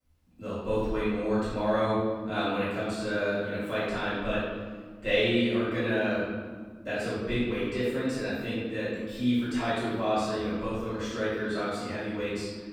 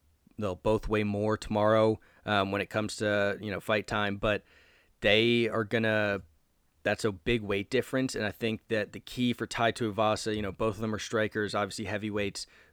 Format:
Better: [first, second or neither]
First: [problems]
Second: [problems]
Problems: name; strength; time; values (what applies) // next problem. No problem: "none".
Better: second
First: off-mic speech; far // room echo; strong; dies away in 1.6 s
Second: none